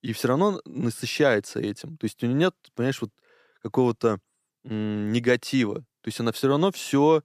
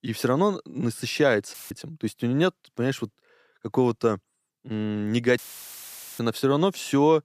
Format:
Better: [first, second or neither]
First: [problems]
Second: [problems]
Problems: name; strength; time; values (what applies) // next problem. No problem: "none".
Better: first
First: none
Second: audio cutting out; filled with static; at 1.5 s and at 5.5 s for 1 s